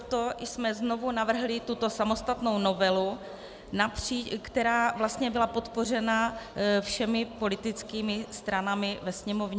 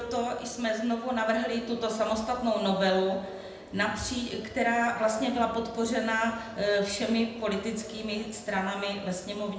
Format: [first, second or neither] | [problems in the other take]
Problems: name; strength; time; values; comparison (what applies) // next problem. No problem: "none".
first | room echo; dies away in 0.8 s